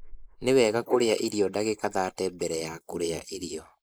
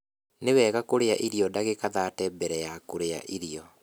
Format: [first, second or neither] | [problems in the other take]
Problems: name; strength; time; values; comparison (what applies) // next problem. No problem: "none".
second | noise reduction (neural mask model Resemble Enhance denoiser)